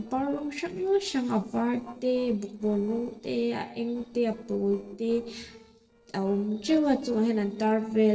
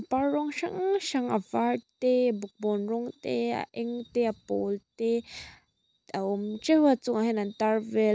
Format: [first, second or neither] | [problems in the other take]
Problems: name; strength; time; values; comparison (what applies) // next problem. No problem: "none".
second | noise reduction (neural separator model SepFormer DNS4)